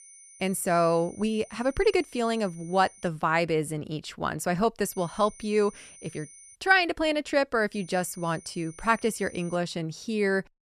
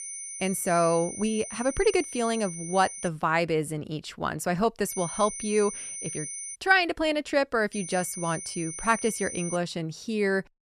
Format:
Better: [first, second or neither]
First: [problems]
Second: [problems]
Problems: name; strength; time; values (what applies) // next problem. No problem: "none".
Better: first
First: high-pitched whine; faint; until 3 s, from 5 to 6.5 s and from 7.5 to 9.5 s; 9 kHz, 20 dB below the speech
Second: high-pitched whine; loud; until 3 s, from 5 to 6.5 s and from 7.5 to 9.5 s; 9 kHz, 9 dB below the speech